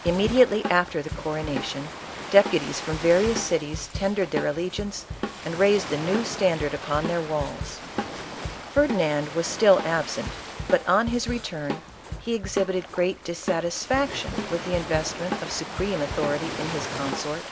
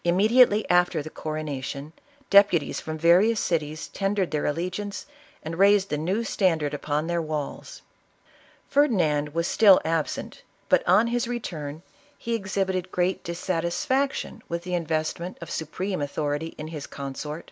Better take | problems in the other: second | background sound (Ocean + Drum kit); 8 dB below the speech

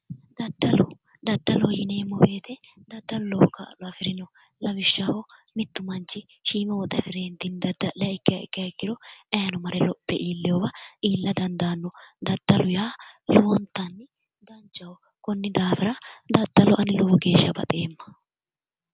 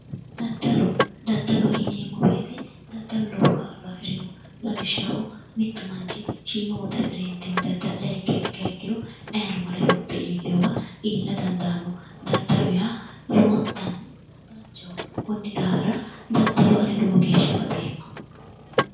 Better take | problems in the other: first | background sound (Mechanisms / Car); 9 dB below the speech // room echo; dies away in 0.5 s

